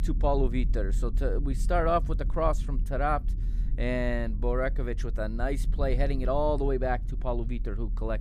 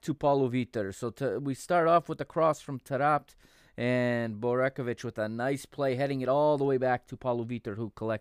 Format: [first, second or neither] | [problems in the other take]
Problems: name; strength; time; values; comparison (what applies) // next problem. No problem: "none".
second | low rumble; faint; throughout; 20 dB below the speech